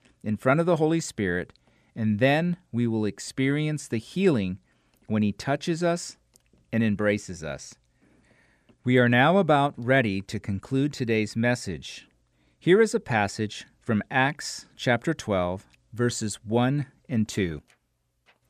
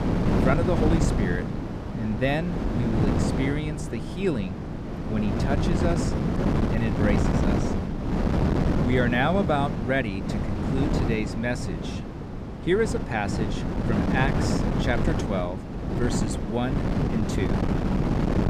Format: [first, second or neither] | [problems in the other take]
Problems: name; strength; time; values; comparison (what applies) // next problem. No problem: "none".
first | wind noise on the microphone; heavy; 2 dB below the speech